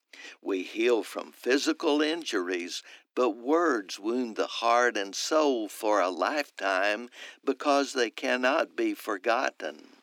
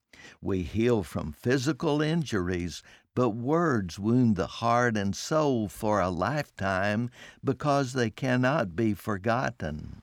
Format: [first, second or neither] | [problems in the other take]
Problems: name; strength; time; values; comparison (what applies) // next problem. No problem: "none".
second | thin; somewhat; fading below 300 Hz